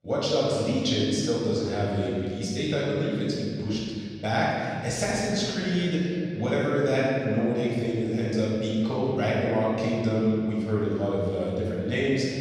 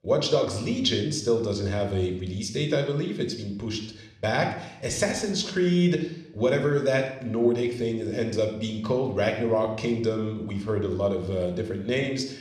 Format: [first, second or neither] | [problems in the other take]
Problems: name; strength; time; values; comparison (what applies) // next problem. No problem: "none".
second | room echo; strong; dies away in 2.3 s; slight in the second // off-mic speech; far